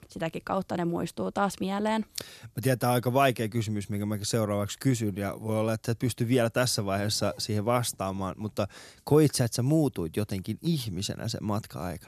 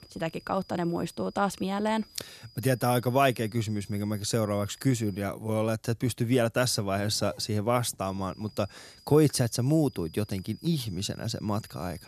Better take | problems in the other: first | high-pitched whine; faint; until 5 s and from 8 s on; 5 kHz, 25 dB below the speech

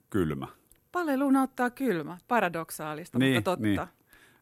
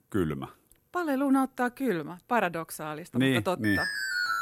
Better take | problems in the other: first | alarm; loud; at 3.5 s; peak 1 dB above the speech

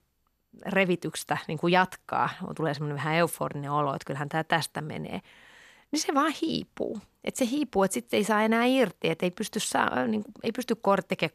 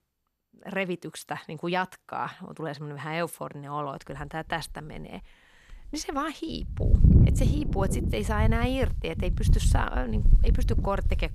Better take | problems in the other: first | wind noise on the microphone; heavy; from 4 s on; 6 dB below the speech

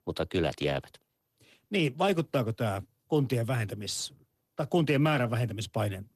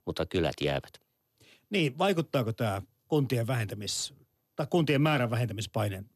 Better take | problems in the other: second | garbled, watery; slightly; nothing above 13.5 kHz

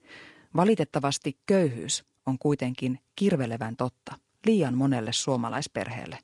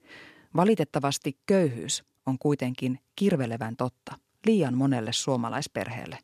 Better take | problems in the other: second | garbled, watery; slightly

